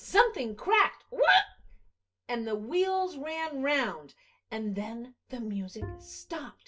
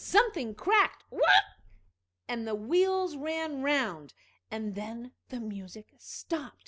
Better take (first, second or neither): second